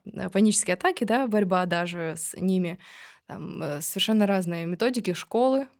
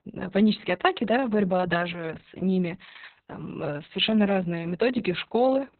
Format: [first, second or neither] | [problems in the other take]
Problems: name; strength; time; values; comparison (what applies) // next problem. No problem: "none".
first | garbled, watery; badly; nothing above 4 kHz; slightly in the first